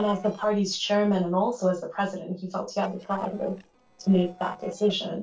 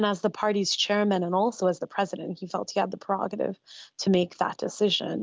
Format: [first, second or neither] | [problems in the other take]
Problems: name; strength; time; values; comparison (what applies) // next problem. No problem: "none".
second | noise reduction (neural separator model SepFormer DNS4)